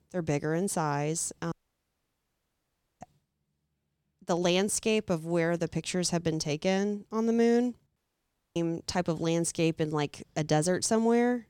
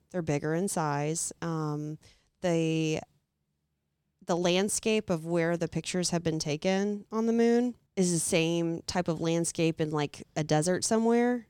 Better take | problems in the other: second | audio cutting out; at 1.5 s for 1.5 s and at 8 s for 0.5 s

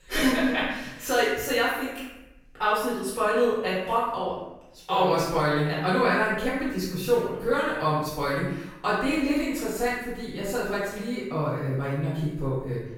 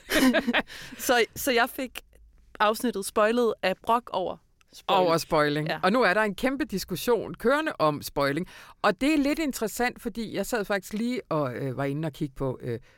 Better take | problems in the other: second | room echo; strong; dies away in 0.8 s // off-mic speech; far

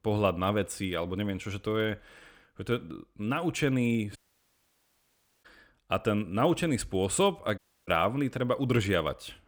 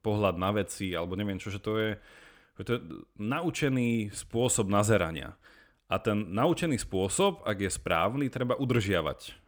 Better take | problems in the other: second | audio cutting out; at 4 s for 1.5 s and at 7.5 s

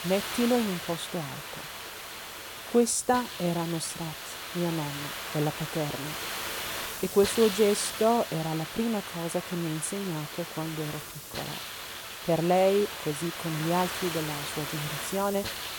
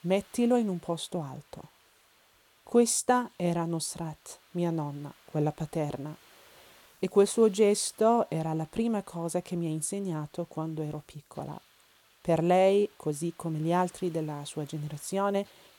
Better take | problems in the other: second | hiss; loud; throughout; 6 dB below the speech; faint in the second

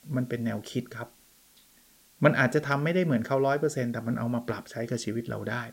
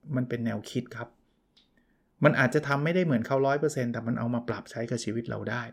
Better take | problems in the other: second | hiss; faint; throughout; 30 dB below the speech

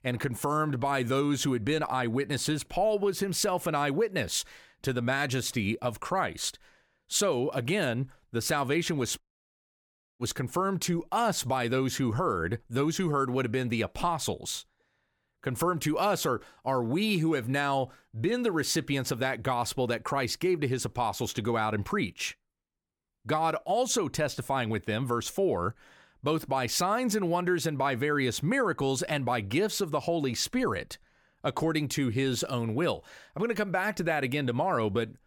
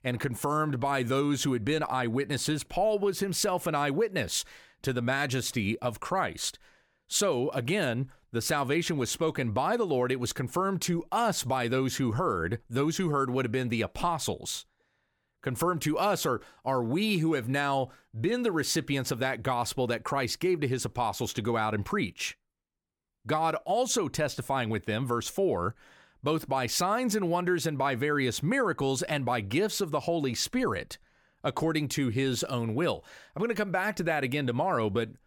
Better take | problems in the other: second | audio cutting out; at 9 s for 1 s

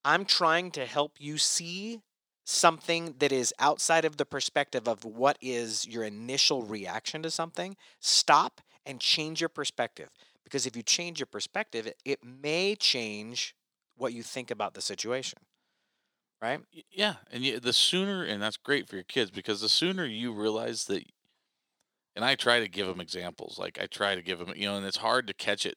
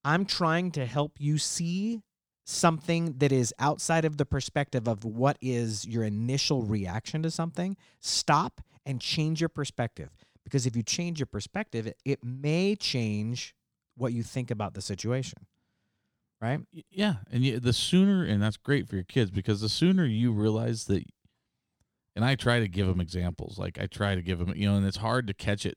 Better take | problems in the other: second | thin; somewhat; fading below 450 Hz

